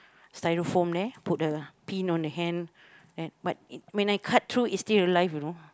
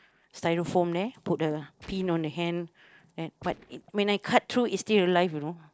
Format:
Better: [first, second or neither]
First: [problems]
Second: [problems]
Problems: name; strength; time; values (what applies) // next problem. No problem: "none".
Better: first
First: none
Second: noise reduction (neural separator model SepFormer DNS4)